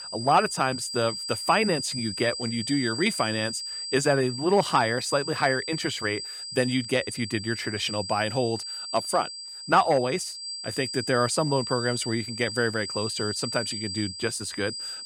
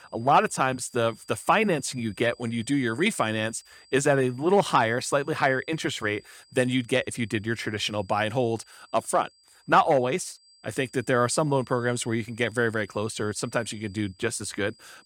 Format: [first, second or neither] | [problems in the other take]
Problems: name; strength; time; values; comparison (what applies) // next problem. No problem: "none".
second | high-pitched whine; loud; throughout; 5 kHz, 6 dB below the speech; faint in the second